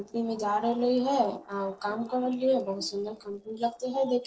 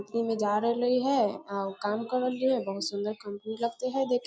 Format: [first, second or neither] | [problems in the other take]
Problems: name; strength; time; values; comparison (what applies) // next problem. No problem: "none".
second | noise reduction (neural separator model SepFormer DNS4)